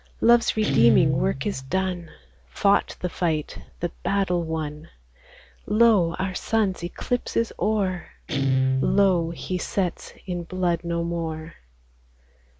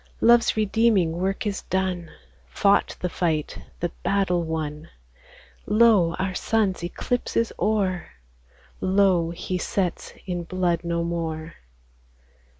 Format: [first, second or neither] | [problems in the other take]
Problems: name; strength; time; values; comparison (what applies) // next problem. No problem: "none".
second | background sound (Guitar); 7 dB below the speech